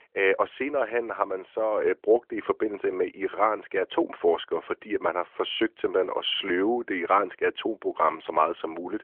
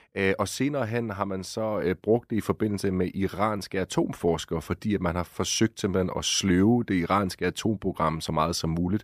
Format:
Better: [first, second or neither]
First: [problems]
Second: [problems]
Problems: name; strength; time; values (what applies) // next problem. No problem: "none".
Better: second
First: phone-call audio; nothing above 3.5 kHz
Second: none